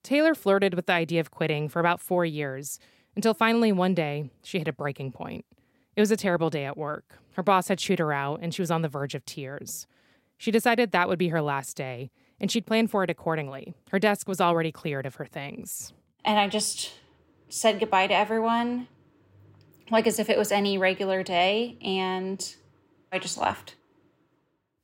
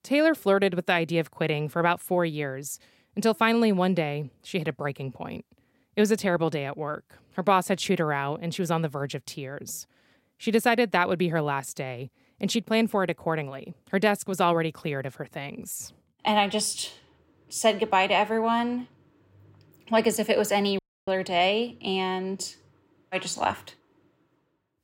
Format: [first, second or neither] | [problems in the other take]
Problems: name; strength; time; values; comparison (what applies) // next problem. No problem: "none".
first | audio cutting out; at 21 s